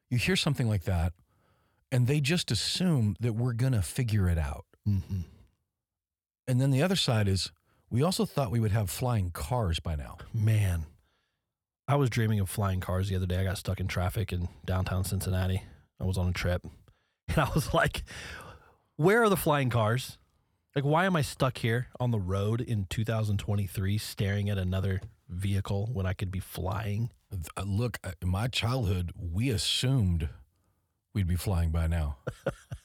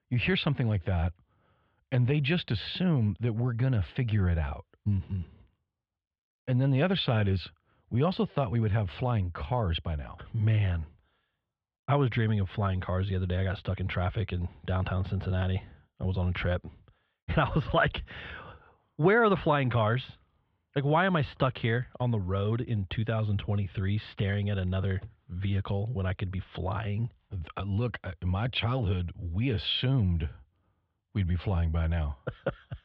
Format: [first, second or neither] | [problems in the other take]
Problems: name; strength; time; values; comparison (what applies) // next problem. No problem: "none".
first | muffled; very; fading above 3.5 kHz